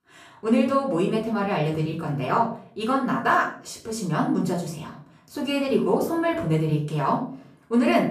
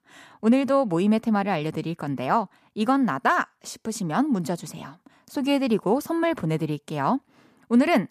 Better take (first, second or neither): second